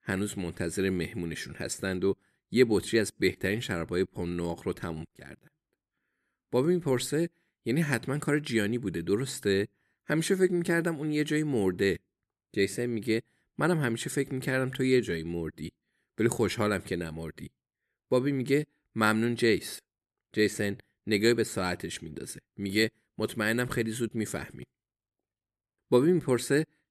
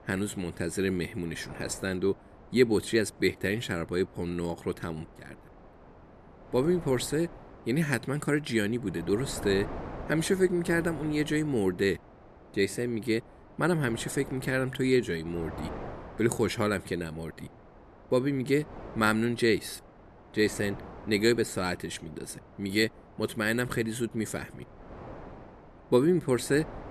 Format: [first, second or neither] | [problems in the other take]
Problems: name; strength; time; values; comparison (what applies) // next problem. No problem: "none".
first | wind noise on the microphone; occasional gusts; 15 dB below the speech